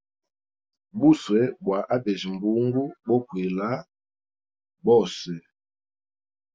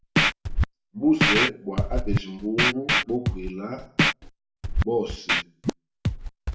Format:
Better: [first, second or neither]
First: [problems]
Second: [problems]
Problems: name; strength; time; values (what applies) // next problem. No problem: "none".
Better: first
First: none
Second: background sound (Scratching (performance technique)); 4 dB above the speech // room echo; dies away in 0.5 s